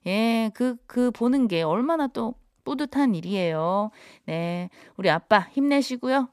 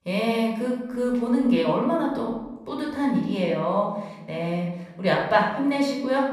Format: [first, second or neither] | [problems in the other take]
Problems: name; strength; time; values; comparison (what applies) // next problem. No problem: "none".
first | off-mic speech; far // room echo; noticeable; dies away in 0.9 s